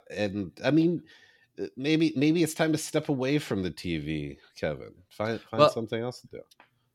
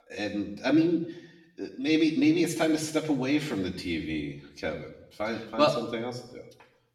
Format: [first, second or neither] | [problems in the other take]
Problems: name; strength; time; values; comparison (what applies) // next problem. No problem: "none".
first | room echo; slight; dies away in 0.7 s // off-mic speech; far